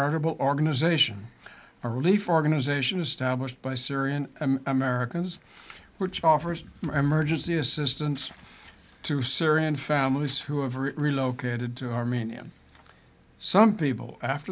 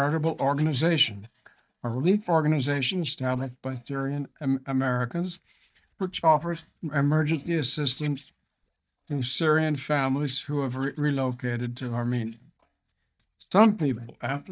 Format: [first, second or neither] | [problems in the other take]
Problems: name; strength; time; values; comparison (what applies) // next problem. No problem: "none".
first | noise reduction (neural mask model DeepFilterNet 3)